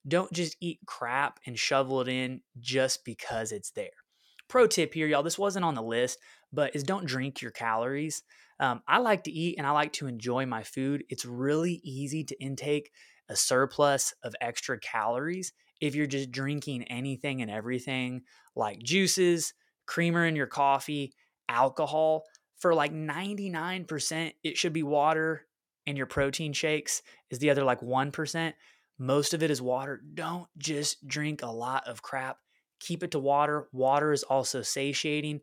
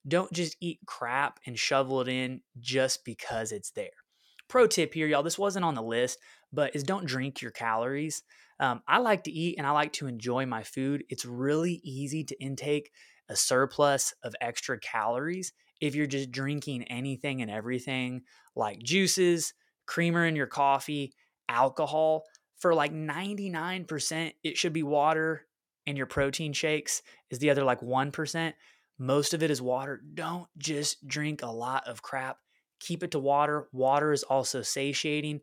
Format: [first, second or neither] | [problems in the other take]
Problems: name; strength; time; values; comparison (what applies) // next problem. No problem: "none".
neither | none